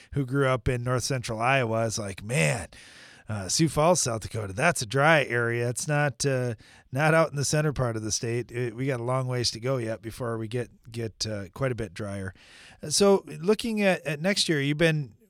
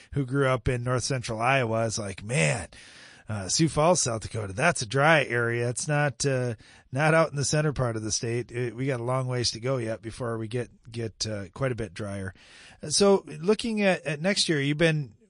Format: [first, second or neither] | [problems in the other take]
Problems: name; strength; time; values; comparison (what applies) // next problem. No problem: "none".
first | garbled, watery; slightly; nothing above 10 kHz